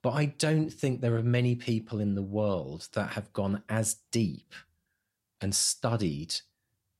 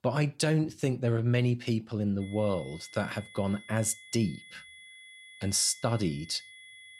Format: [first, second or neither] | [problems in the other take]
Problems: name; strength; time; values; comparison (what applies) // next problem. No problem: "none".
first | high-pitched whine; noticeable; from 2 s on; 2 kHz, 20 dB below the speech